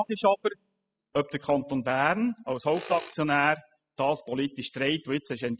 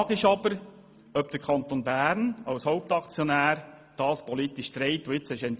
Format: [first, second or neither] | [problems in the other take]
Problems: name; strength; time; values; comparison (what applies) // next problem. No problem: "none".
second | noise reduction (classical method spectral subtraction)